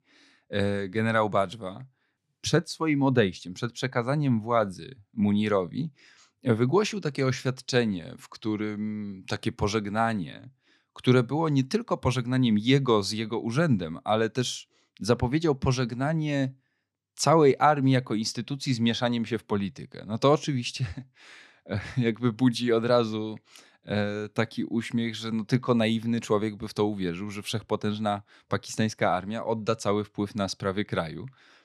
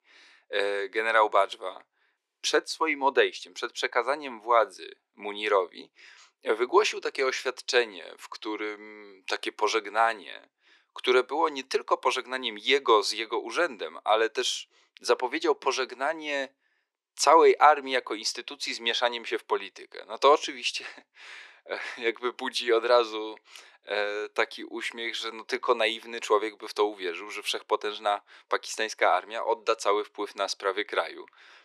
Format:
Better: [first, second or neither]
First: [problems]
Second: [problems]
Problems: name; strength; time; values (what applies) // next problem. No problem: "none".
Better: first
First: none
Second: thin; very; fading below 350 Hz